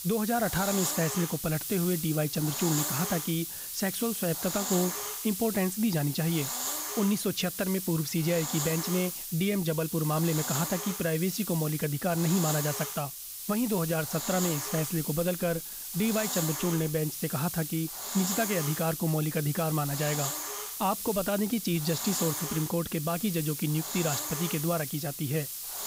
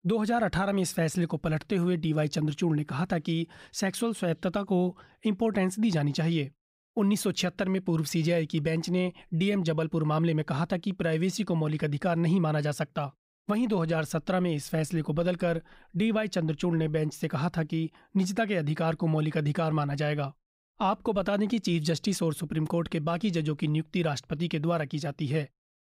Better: second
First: hiss; loud; throughout; 3 dB below the speech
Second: none

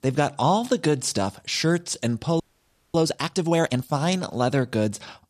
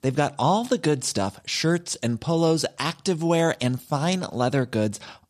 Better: second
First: audio freezing; at 2.5 s for 0.5 s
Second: none

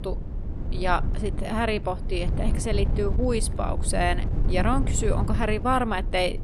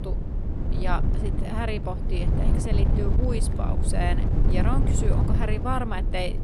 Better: first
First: wind noise on the microphone; occasional gusts; 15 dB below the speech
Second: wind noise on the microphone; heavy; 4 dB below the speech

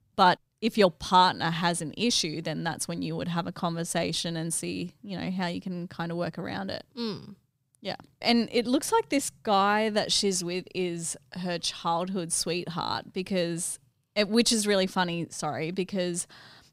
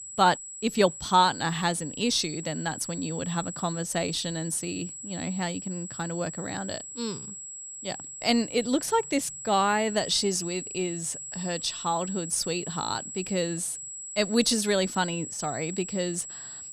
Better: first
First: none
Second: high-pitched whine; loud; throughout; 7.5 kHz, 9 dB below the speech

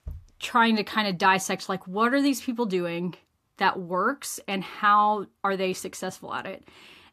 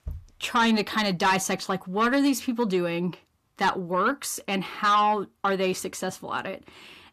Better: first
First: none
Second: distortion; slight; 10 dB below the speech

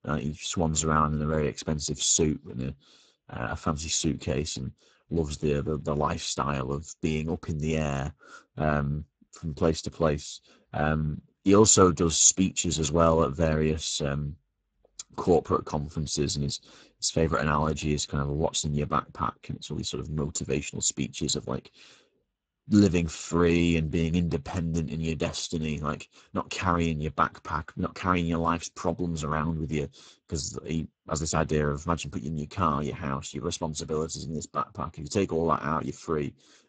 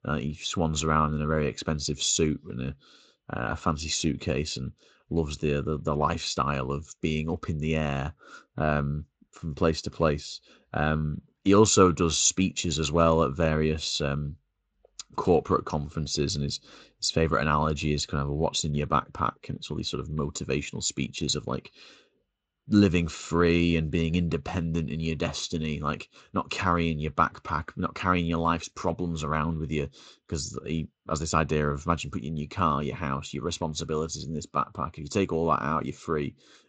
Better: second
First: garbled, watery; badly; nothing above 7.5 kHz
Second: garbled, watery; slightly; nothing above 7.5 kHz

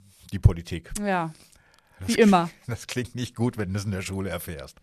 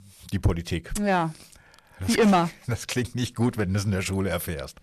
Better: first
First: none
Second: distortion; heavy; 6 dB below the speech

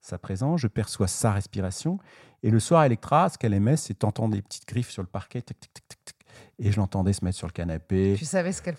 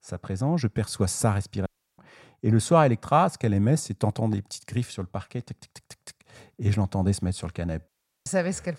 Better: first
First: none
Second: audio cutting out; at 1.5 s and at 8 s

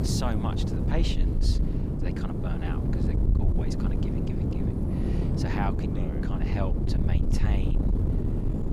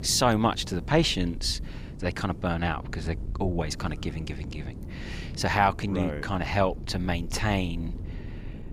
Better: second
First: wind noise on the microphone; heavy; 1 dB above the speech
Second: wind noise on the microphone; occasional gusts; 20 dB below the speech

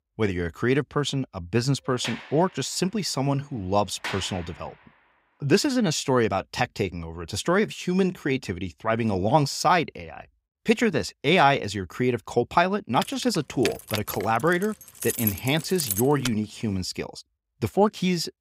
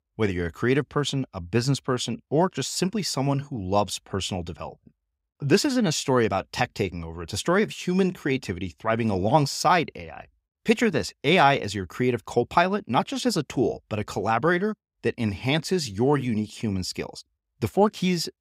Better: second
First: door banging; noticeable; from 2 to 4.5 s; peak 8 dB below the speech // jangling keys; noticeable; from 13 to 16 s; peak 2 dB below the speech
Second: none

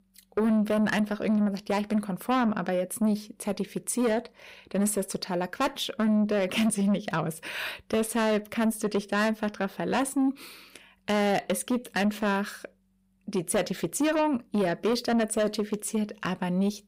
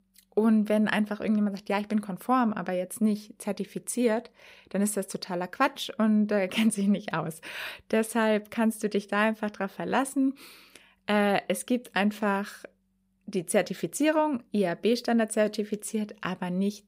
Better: second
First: distortion; slight; 10 dB below the speech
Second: none

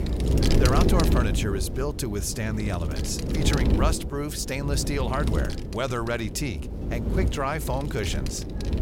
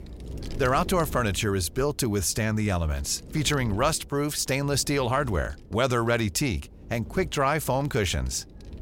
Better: second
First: wind noise on the microphone; heavy; 4 dB below the speech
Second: wind noise on the microphone; occasional gusts; 20 dB below the speech

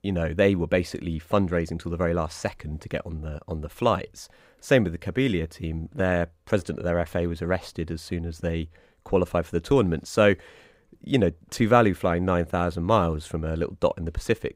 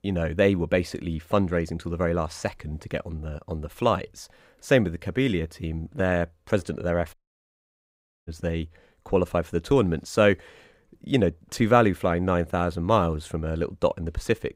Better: first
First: none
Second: audio cutting out; at 7 s for 1 s

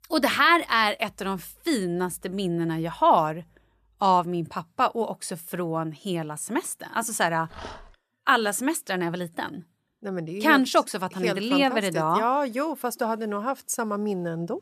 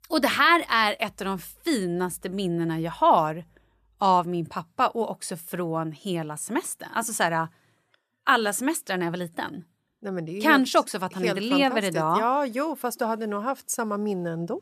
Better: second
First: dog barking; faint; at 7.5 s; peak 15 dB below the speech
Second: none

